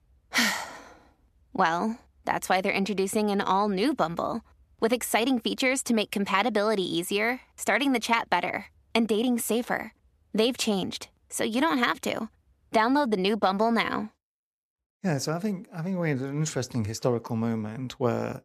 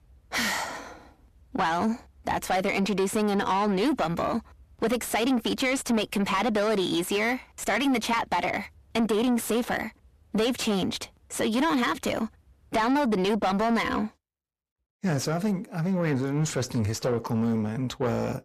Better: first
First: none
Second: distortion; heavy; 8 dB below the speech

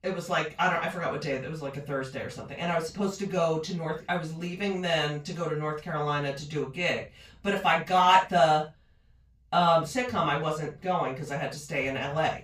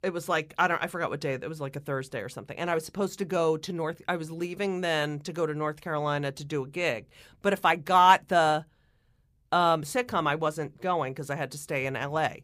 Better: second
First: room echo; noticeable; dies away in 0.2 s // off-mic speech; far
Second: none

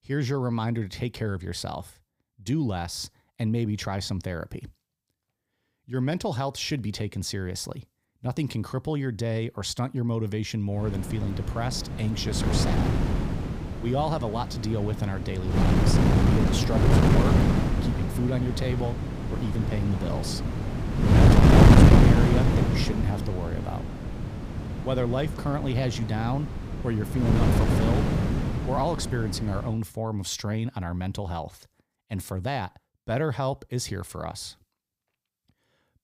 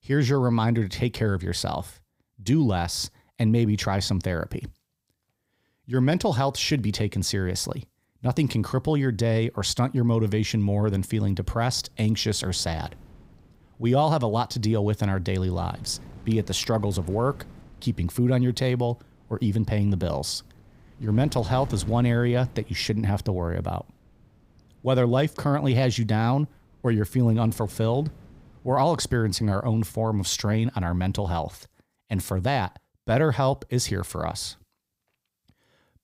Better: second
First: wind noise on the microphone; heavy; from 11 to 30 s; 4 dB above the speech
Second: wind noise on the microphone; occasional gusts; from 11 to 30 s; 25 dB below the speech

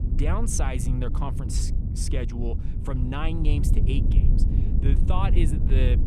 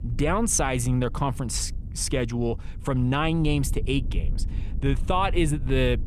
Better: second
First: low rumble; loud; throughout; 6 dB below the speech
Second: low rumble; faint; throughout; 20 dB below the speech

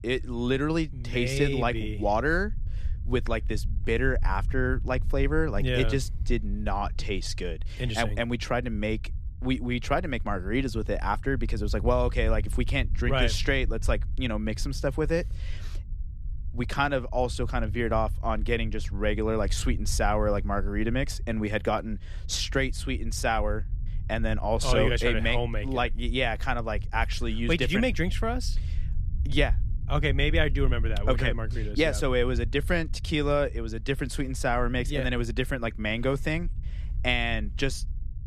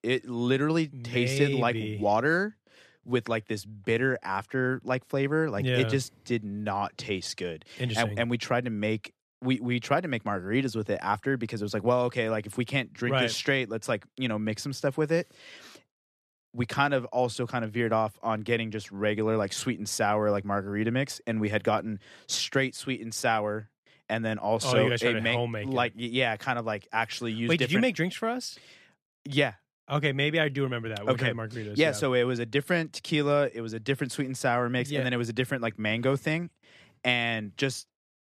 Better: second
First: low rumble; faint; throughout; 25 dB below the speech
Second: none

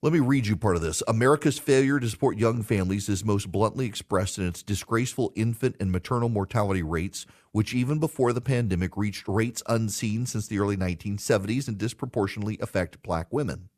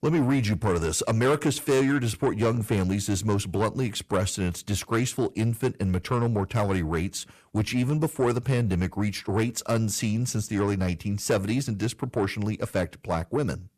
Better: first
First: none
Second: distortion; slight; 10 dB below the speech

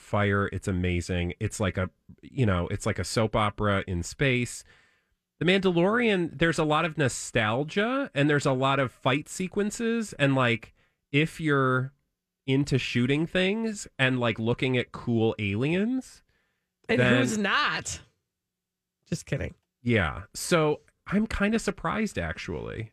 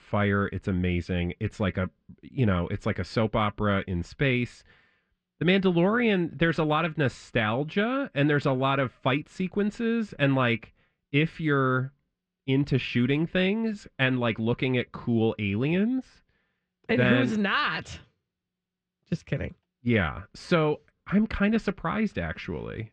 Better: first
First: none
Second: muffled; slightly; fading above 4 kHz

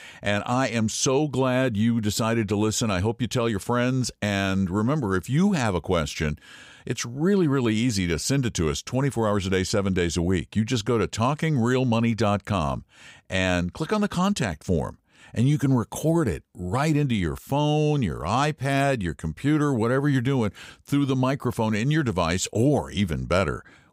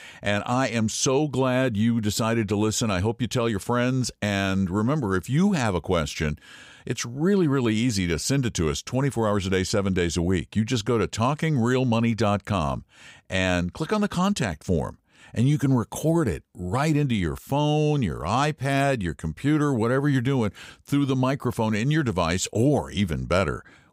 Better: neither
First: none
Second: none

